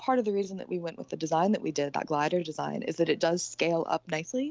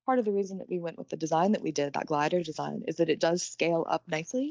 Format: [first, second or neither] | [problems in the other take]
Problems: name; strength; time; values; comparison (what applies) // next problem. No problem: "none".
first | noise reduction (neural mask model DeepFilterNet 3)